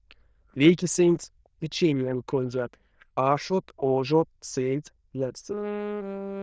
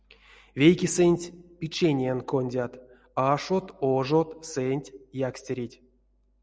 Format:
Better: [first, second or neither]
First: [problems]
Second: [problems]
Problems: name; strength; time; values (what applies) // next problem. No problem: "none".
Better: second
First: noise reduction (neural diffusion model UNIVERSE++)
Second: none